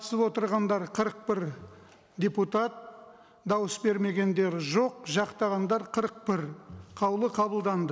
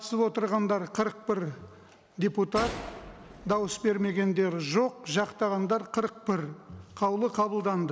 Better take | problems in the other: first | background sound (Gunshot, gunfire); 14 dB below the speech

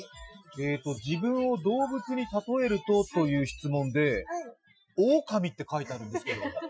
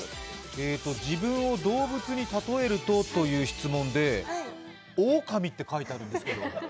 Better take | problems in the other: second | noise reduction (classical method Wiener filter)

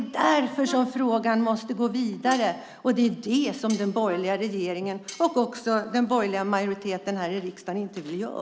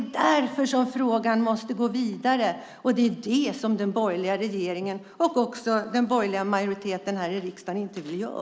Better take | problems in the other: second | background sound (Brass instrument + Cutlery, silverware); 18 dB below the speech

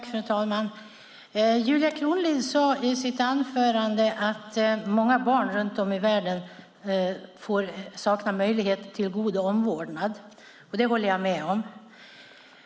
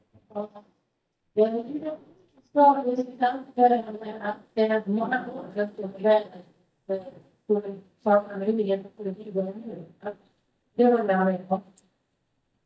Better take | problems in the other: first | noise reduction (neural mask model DeepFilterNet 3)

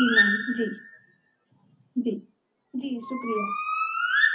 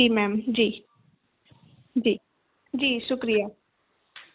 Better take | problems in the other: second | background sound (Bird); 4 dB above the speech // room echo; dies away in 0.3 s

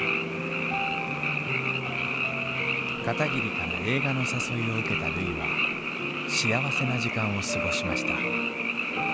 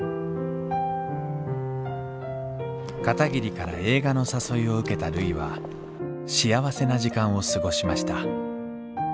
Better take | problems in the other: second | background sound (Frog); 2 dB above the speech

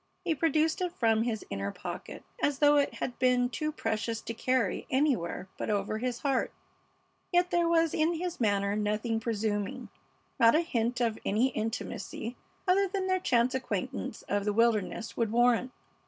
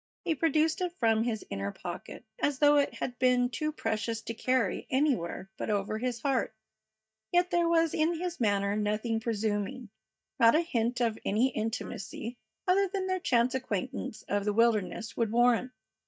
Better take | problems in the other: first | noise reduction (neural mask model DeepFilterNet 3)

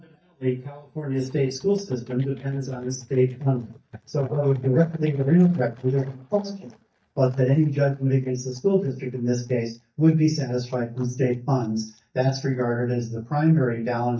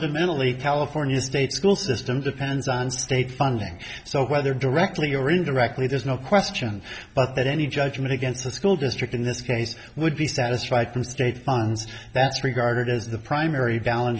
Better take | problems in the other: second | noise reduction (neural mask model DeepFilterNet 3)

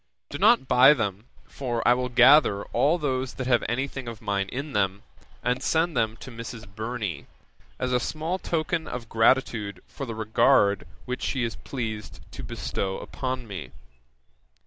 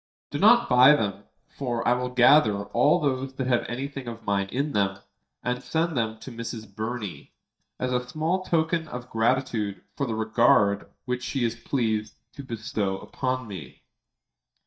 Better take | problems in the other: first | noise reduction (neural mask model DeepFilterNet 3)

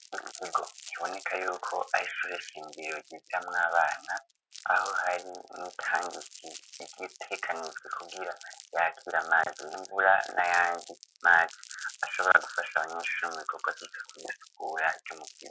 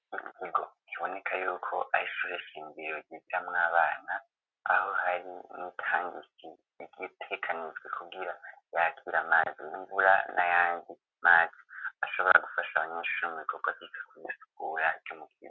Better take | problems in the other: second | background sound (Crumpling, crinkling); 19 dB below the speech

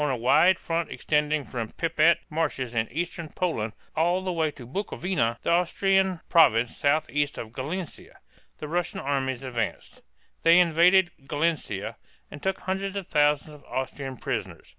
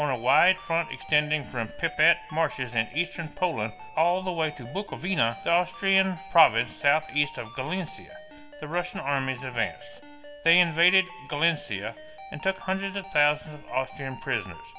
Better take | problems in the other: first | background sound (Ringtone); 17 dB below the speech // room echo; dies away in 0.4 s

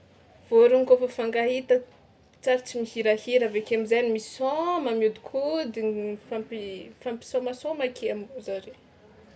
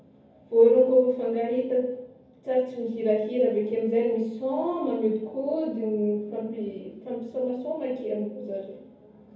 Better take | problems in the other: first | room echo; dies away in 0.9 s

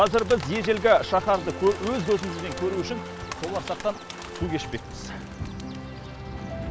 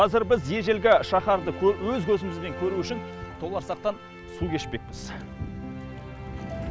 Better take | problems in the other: second | background sound (Bird); 14 dB below the speech

